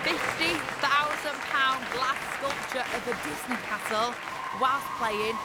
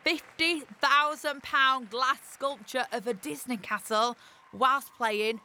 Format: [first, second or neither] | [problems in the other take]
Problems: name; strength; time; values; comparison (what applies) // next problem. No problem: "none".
second | crowd noise; loud; throughout; 3 dB below the speech; faint in the second